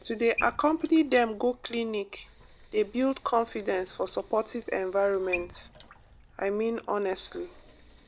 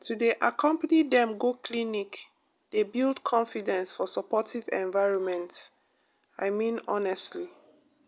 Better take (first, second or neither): second